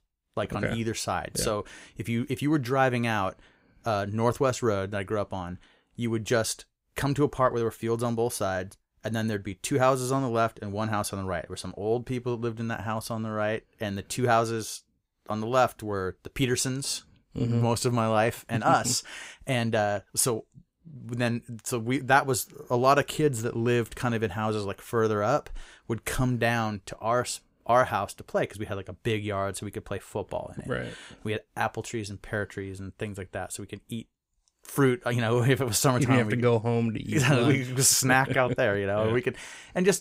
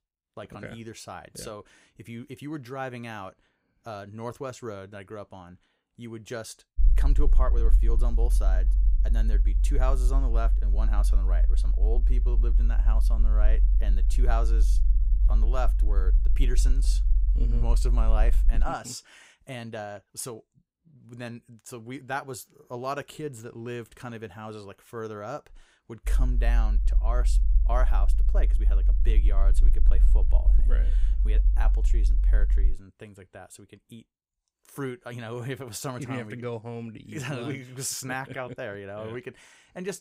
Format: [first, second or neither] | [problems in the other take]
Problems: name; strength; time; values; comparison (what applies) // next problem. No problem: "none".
first | low rumble; noticeable; from 7 to 19 s and from 26 to 33 s; 10 dB below the speech